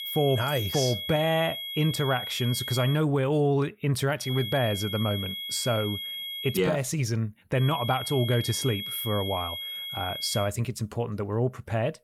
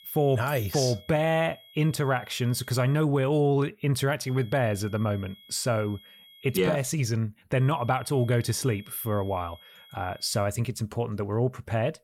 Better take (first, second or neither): second